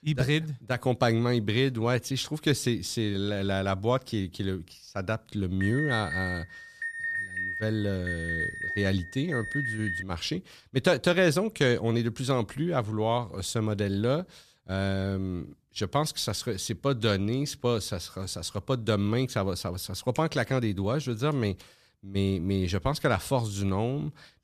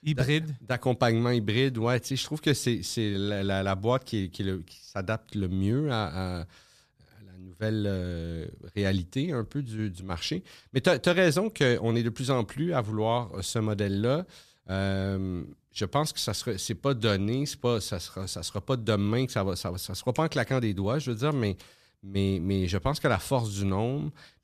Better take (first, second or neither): second